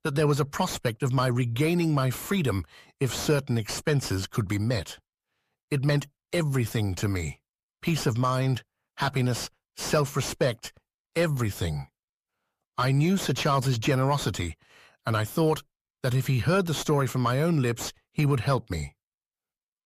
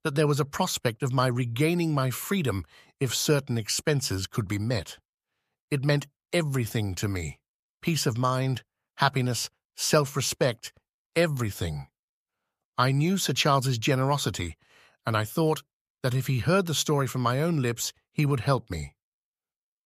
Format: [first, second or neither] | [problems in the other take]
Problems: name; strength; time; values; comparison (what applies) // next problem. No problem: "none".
second | distortion; slight; 10 dB below the speech